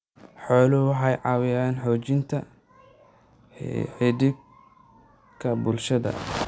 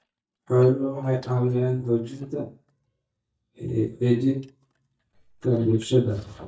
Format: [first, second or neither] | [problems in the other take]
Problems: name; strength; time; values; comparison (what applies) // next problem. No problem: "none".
first | noise reduction (neural mask model DeepFilterNet 3)